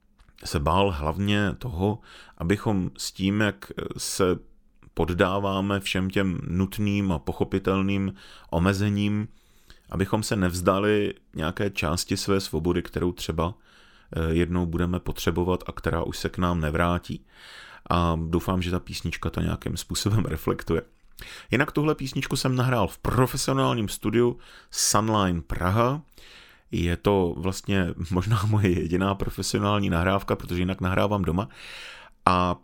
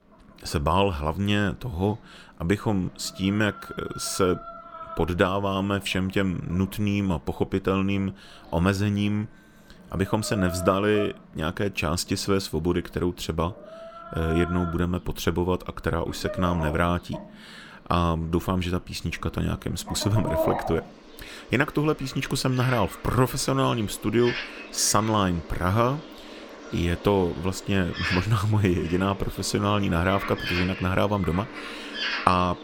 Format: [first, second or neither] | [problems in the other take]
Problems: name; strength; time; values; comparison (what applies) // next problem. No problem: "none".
first | animal sounds; noticeable; throughout; 10 dB below the speech